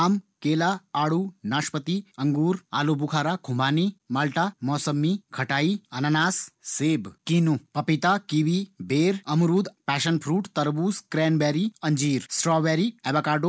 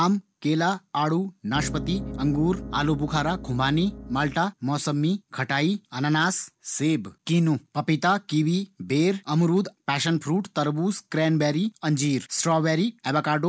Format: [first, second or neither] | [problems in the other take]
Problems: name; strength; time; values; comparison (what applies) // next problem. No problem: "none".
first | background sound (Piano); 10 dB below the speech